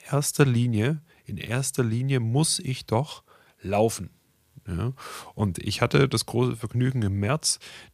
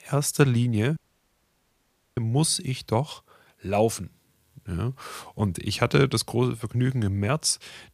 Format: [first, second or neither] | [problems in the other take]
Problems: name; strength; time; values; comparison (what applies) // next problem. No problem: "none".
first | audio cutting out; at 1 s for 1 s